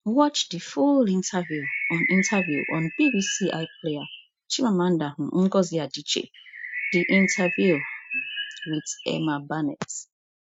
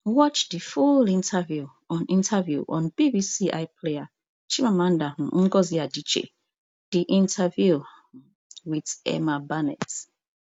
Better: second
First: noise reduction (classical method Wiener filter)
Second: none

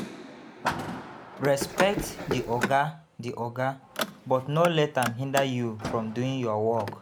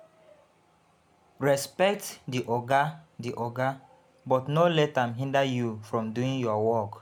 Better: second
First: background sound (Car + Run); 7 dB below the speech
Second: none

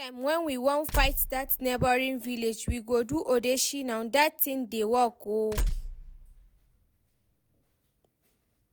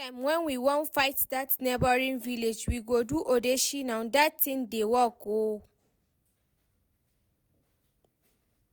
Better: second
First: background sound (Tools); 5 dB below the speech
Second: none

